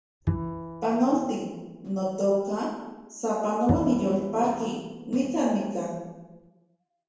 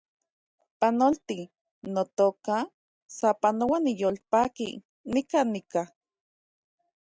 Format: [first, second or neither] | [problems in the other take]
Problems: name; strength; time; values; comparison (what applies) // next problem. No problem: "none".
second | background sound (Bowed string instrument); 9 dB below the speech // room echo; dies away in 1 s